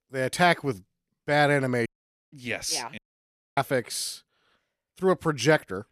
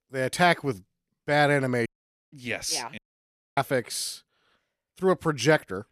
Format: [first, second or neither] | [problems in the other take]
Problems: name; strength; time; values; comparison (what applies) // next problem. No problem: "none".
neither | audio cutting out; at 2 s and at 3 s for 0.5 s; the same in both